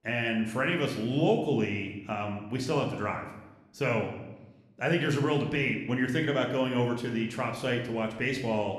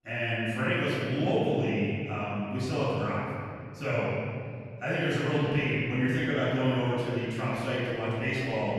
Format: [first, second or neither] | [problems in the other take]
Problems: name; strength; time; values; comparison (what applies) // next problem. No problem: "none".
first | room echo; strong; dies away in 2.4 s; slight in the first // off-mic speech; far; somewhat distant in the first